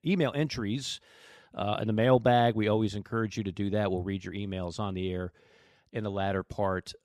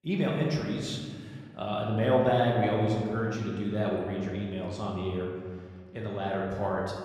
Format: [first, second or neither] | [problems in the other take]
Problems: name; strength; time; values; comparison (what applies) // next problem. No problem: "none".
first | room echo; noticeable; dies away in 1.7 s // off-mic speech; far